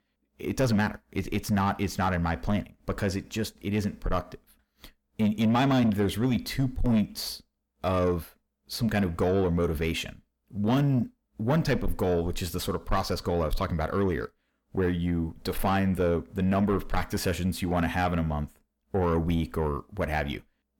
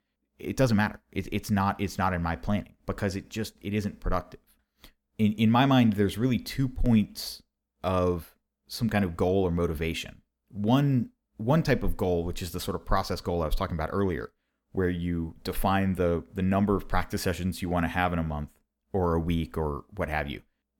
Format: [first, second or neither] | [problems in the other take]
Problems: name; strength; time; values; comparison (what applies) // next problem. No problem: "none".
second | distortion; slight; 10 dB below the speech